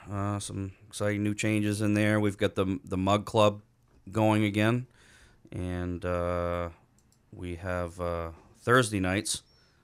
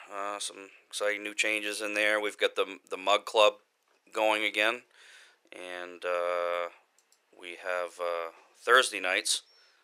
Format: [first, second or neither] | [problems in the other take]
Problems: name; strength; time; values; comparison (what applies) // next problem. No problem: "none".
first | thin; very; fading below 450 Hz